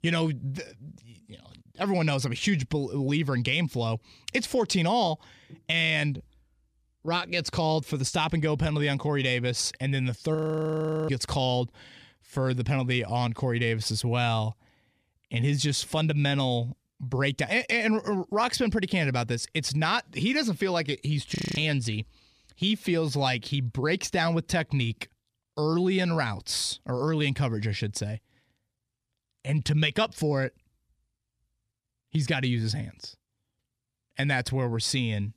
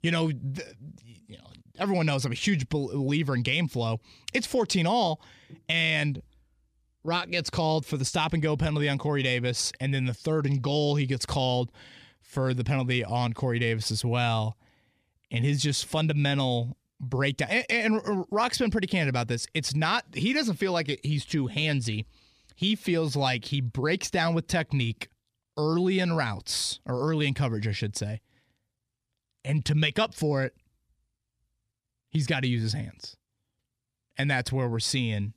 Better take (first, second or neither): second